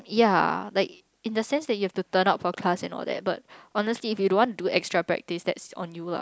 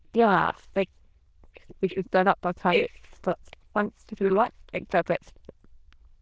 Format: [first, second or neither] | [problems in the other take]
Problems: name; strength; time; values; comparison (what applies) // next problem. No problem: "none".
first | noise reduction (neural diffusion model UNIVERSE++)